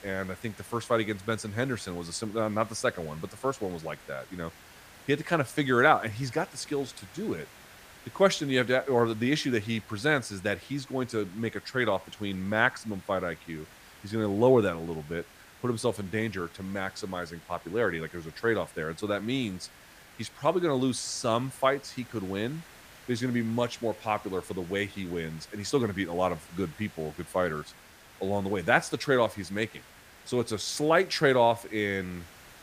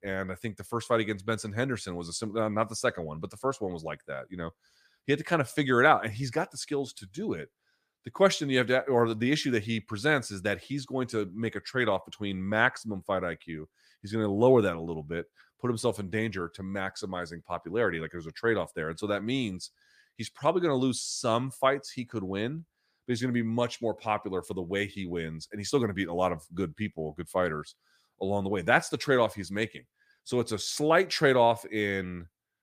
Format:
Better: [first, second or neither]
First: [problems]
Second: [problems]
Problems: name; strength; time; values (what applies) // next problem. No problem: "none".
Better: second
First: hiss; faint; throughout; 20 dB below the speech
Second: none